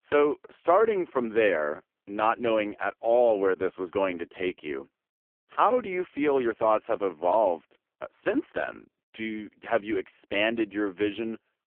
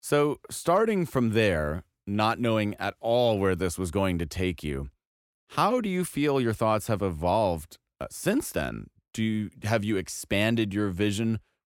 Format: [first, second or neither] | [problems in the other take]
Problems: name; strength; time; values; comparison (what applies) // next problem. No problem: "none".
second | phone-call audio; poor line